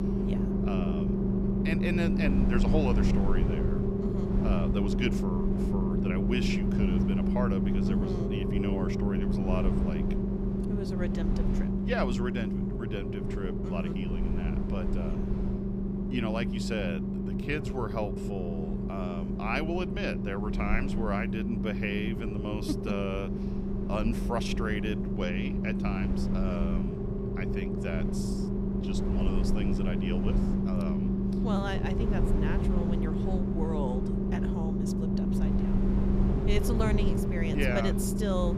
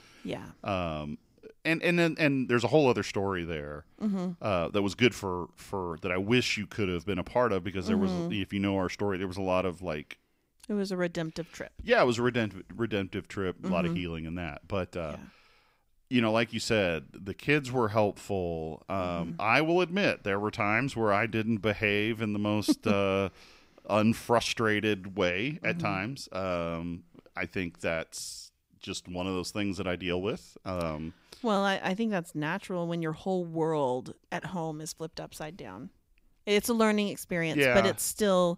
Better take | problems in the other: second | low rumble; loud; throughout; as loud as the speech

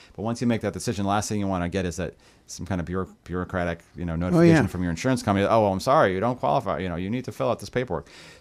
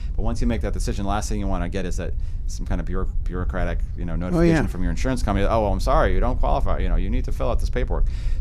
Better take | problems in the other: first | low rumble; faint; throughout; 20 dB below the speech

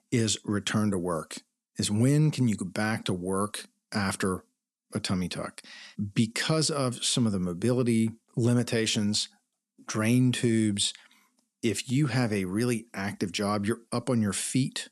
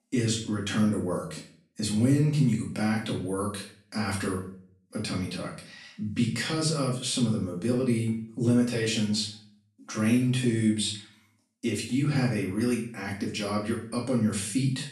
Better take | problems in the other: first | off-mic speech; far // room echo; slight; dies away in 0.4 s

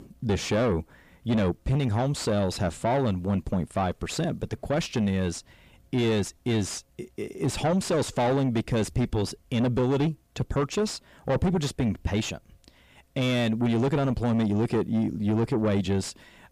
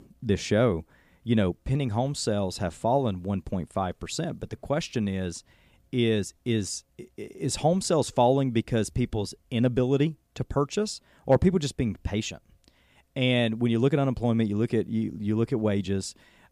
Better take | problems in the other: second | distortion; heavy; 7 dB below the speech

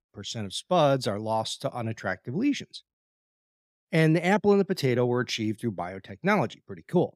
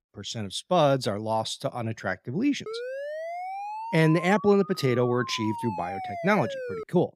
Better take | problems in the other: first | siren; noticeable; from 2.5 s on; peak 8 dB below the speech

